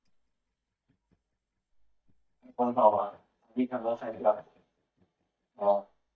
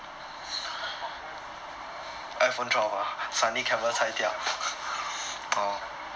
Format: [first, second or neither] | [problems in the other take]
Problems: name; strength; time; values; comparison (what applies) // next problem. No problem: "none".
second | noise reduction (neural mask model DeepFilterNet 3)